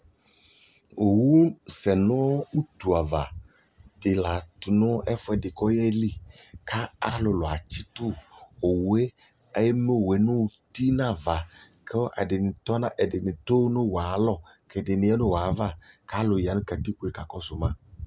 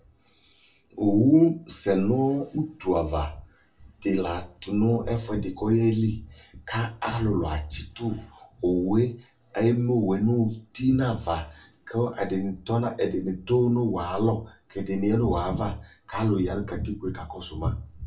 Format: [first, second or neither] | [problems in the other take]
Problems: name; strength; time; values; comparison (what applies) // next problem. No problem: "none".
first | room echo; dies away in 0.3 s